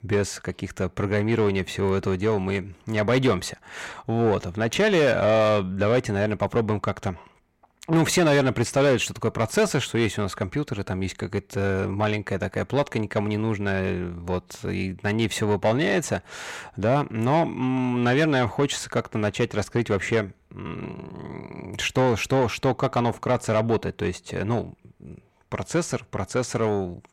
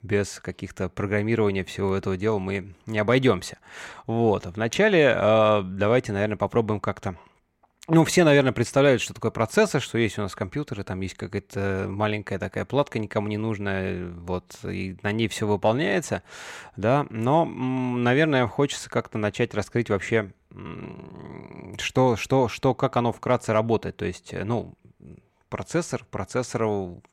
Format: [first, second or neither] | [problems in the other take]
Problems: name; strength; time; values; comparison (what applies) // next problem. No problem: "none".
second | distortion; slight; 10 dB below the speech